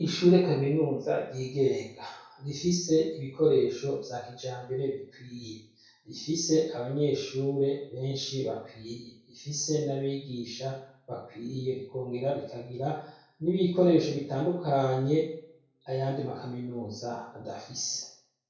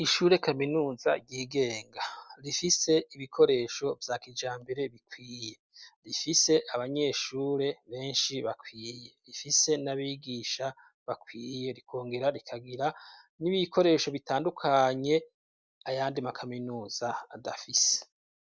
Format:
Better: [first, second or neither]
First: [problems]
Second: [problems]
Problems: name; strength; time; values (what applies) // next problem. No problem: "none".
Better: second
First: room echo; dies away in 0.5 s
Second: none